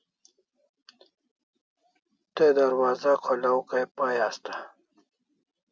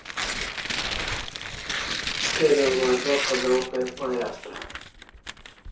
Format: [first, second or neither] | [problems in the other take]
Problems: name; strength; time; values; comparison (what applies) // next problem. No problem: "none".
first | background sound (Tearing); 3 dB below the speech // room echo; dies away in 0.6 s